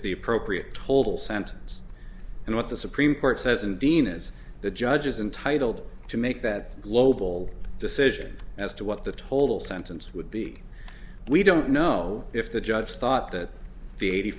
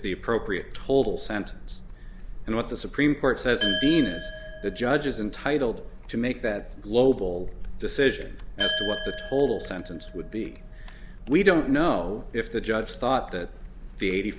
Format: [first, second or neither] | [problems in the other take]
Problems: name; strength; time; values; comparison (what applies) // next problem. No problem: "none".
first | background sound (Glass); 8 dB below the speech